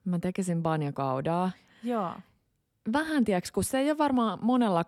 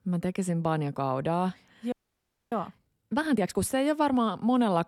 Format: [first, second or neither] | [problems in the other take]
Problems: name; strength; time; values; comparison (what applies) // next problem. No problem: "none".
first | audio freezing; at 2 s for 0.5 s